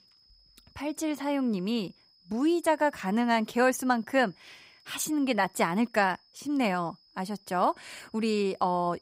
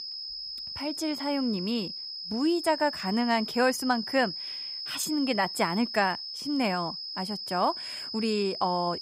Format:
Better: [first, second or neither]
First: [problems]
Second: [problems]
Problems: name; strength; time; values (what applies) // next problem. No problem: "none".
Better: first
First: high-pitched whine; faint; throughout; 5 kHz, 30 dB below the speech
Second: high-pitched whine; loud; throughout; 5 kHz, 6 dB below the speech